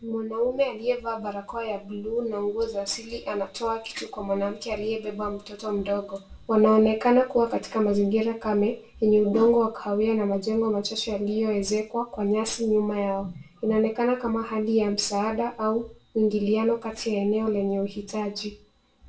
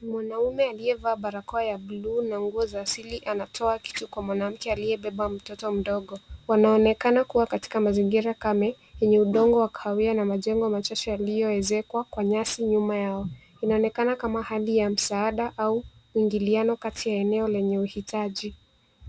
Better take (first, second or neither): second